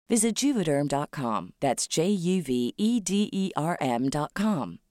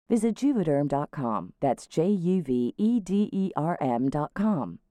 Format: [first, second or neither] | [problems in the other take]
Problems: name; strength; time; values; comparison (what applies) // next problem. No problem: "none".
first | muffled; very; fading above 2 kHz